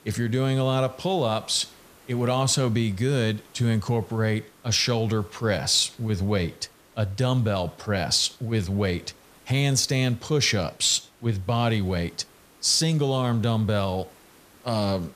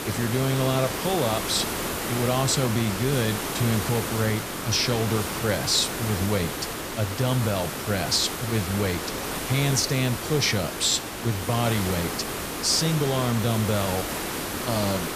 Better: first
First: hiss; faint; throughout; 30 dB below the speech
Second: hiss; loud; throughout; 4 dB below the speech

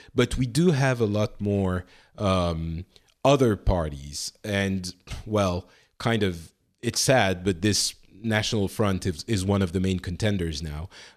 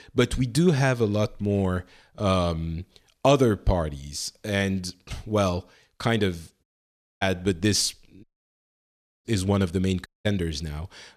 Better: first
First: none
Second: audio cutting out; at 6.5 s for 0.5 s, at 8 s for 1 s and at 10 s

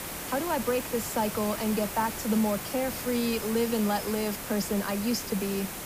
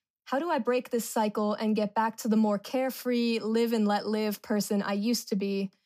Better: second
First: hiss; loud; throughout; 6 dB below the speech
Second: none

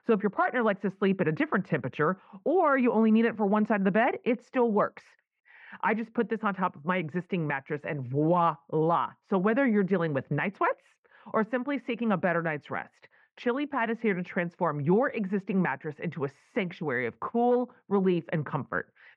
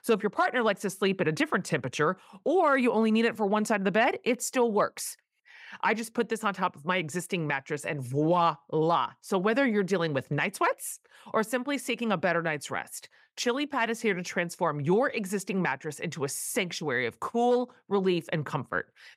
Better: second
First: muffled; very; fading above 2 kHz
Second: none

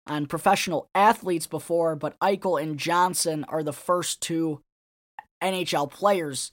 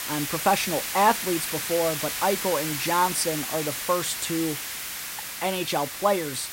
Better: first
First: none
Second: hiss; loud; throughout; 3 dB below the speech

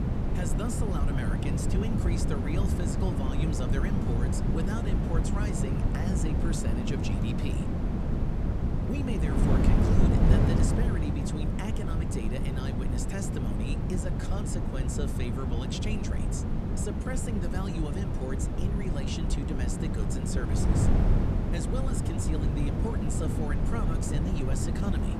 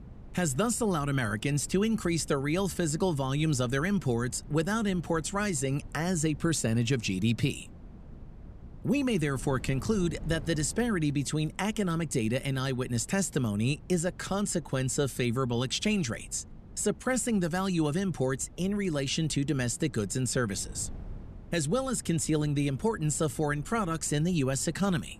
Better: second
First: wind noise on the microphone; heavy; 2 dB above the speech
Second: wind noise on the microphone; occasional gusts; 25 dB below the speech

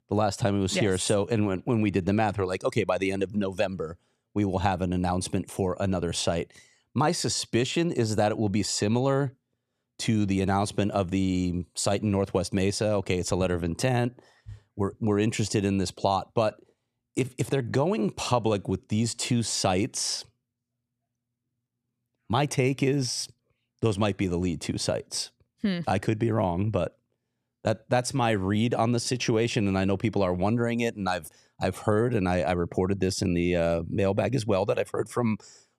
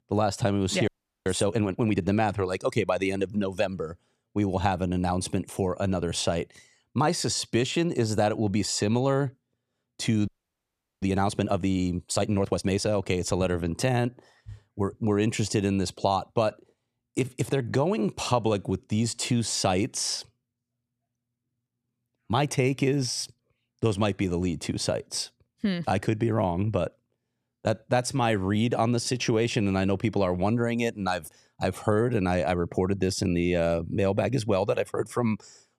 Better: first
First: none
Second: audio freezing; at 1 s and at 10 s for 0.5 s

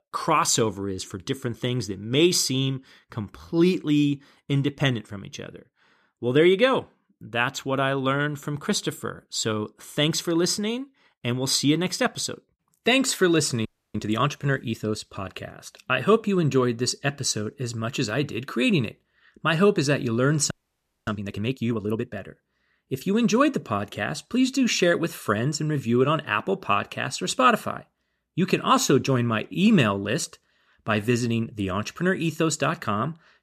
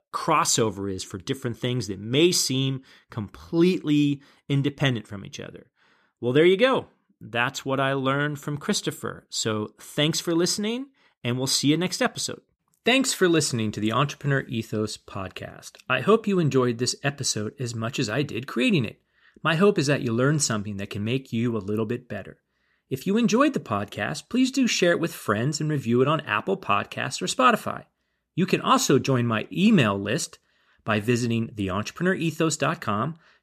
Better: second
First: audio freezing; at 14 s and at 21 s for 0.5 s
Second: none

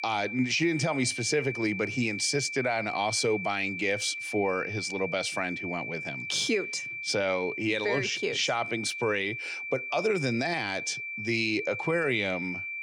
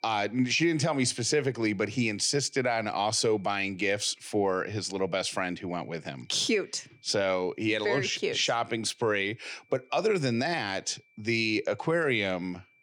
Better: second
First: high-pitched whine; loud; throughout; 2.5 kHz, 5 dB below the speech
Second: high-pitched whine; faint; throughout; 2.5 kHz, 35 dB below the speech

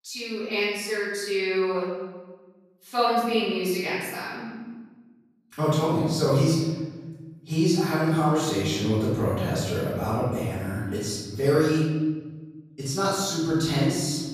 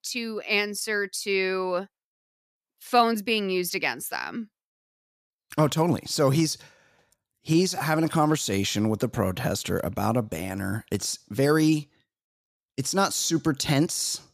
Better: second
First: off-mic speech; far // room echo; strong; dies away in 1.3 s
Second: none

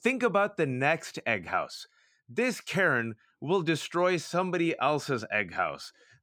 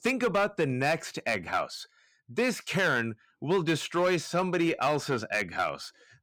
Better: first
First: none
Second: distortion; slight; 5% of the sound clipped

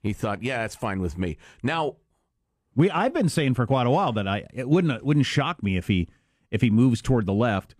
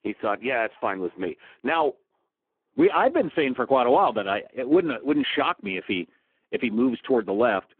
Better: first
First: none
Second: phone-call audio; poor line

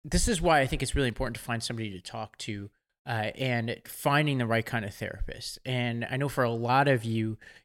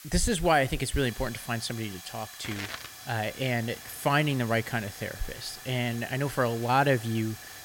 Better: first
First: none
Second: hiss; noticeable; throughout; 15 dB below the speech

